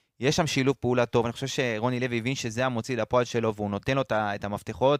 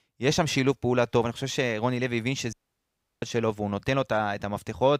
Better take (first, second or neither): first